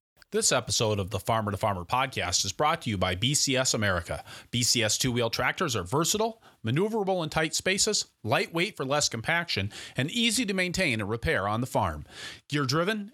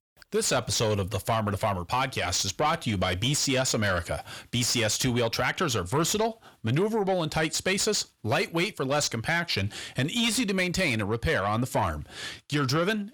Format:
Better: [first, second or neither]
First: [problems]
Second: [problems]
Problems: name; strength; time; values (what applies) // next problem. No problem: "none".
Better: first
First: none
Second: distortion; slight; 10 dB below the speech